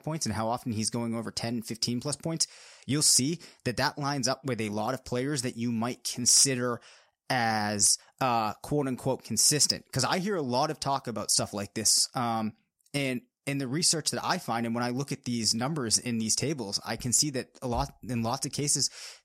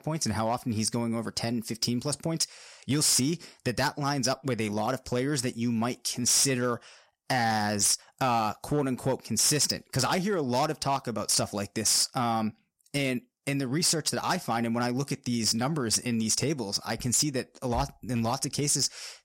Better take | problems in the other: first | distortion; slight; 5% of the sound clipped

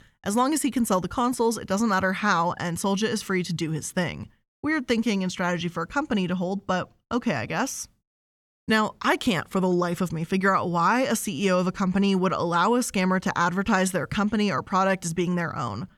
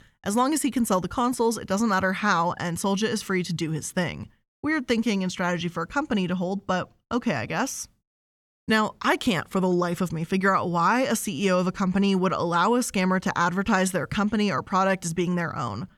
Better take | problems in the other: neither | none

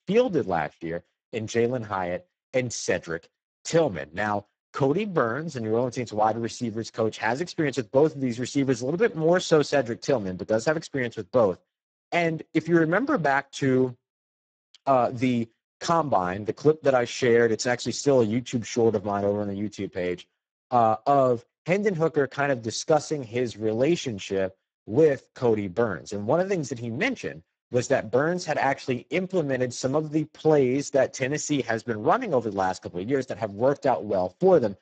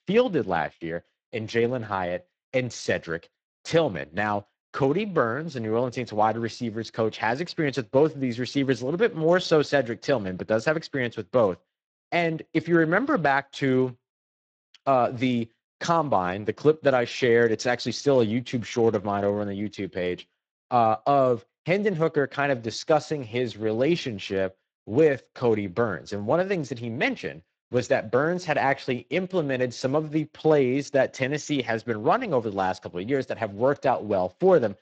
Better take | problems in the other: second | garbled, watery; badly; nothing above 7.5 kHz; slightly in the second

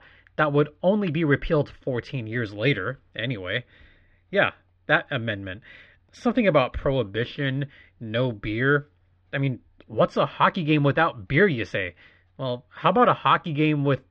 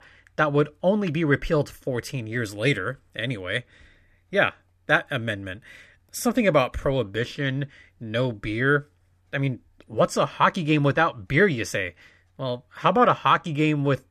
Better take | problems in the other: second | muffled; slightly; fading above 4 kHz

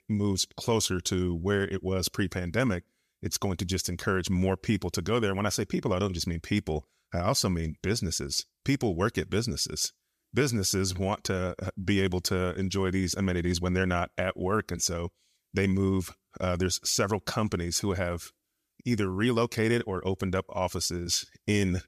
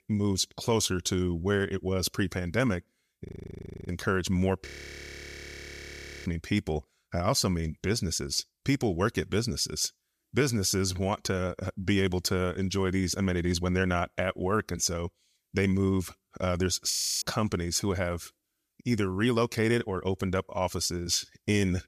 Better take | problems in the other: first | audio freezing; at 3.5 s for 0.5 s, at 4.5 s for 1.5 s and at 17 s

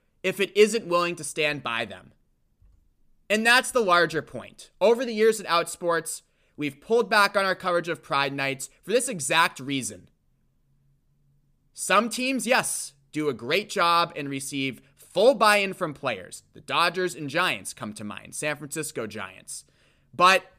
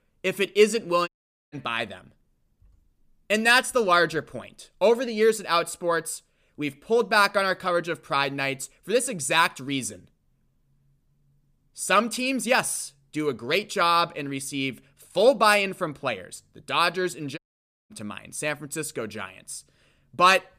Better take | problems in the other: first | audio cutting out; at 1 s and at 17 s for 0.5 s

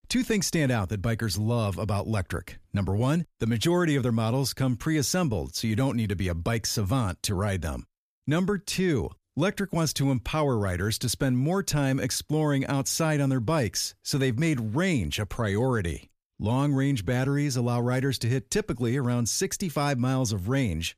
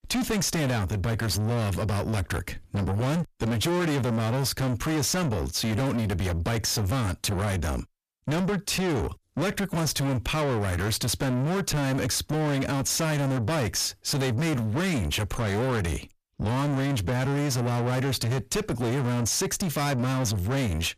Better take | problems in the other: first | distortion; heavy; 7 dB below the speech

